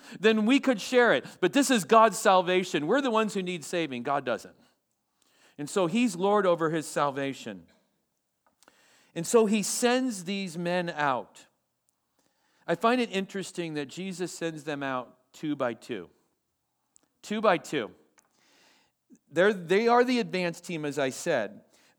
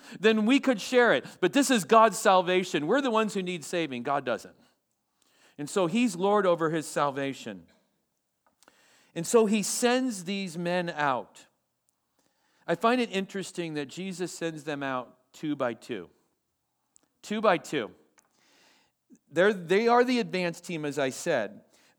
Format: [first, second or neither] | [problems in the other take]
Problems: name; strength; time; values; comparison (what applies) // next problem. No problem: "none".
neither | none